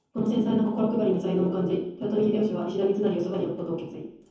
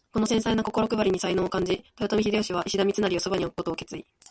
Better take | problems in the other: second | room echo; dies away in 0.7 s

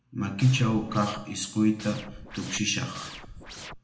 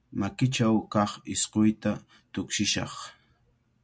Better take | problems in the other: second | background sound (Scratching (performance technique)); 14 dB below the speech // room echo; dies away in 0.8 s

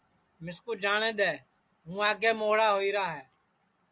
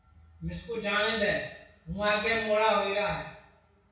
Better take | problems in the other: first | room echo; dies away in 0.6 s

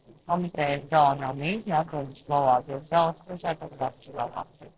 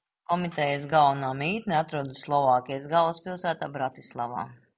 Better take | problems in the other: second | noise reduction (neural separator model SepFormer DNS4)

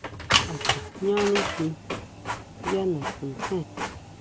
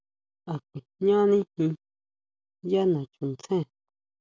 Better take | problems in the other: second | background sound (Printer); as loud as the speech

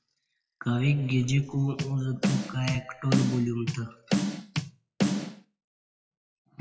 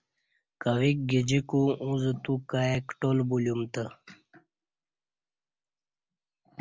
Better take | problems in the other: second | noise reduction (classical method WPE with log-MMSE)

